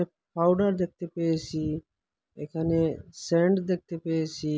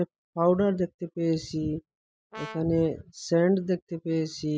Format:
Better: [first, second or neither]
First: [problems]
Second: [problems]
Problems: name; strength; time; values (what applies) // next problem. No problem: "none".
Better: first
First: none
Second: noise reduction (classical method spectral subtraction)